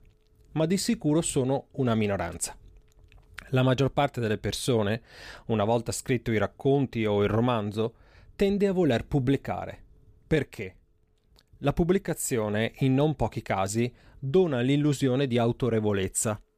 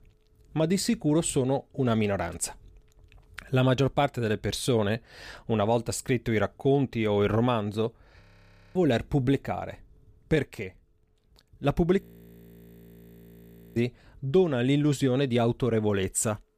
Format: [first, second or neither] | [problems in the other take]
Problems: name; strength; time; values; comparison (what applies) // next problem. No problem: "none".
first | audio freezing; at 8 s for 0.5 s and at 12 s for 2 s